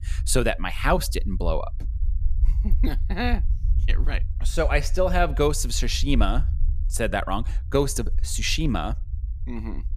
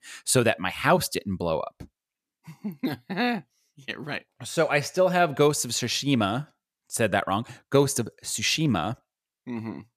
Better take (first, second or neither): second